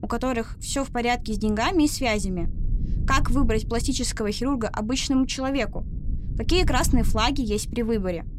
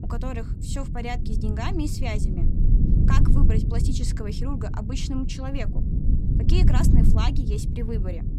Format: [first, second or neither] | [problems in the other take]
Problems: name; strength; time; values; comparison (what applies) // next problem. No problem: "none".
first | low rumble; loud; throughout; 3 dB below the speech; faint in the first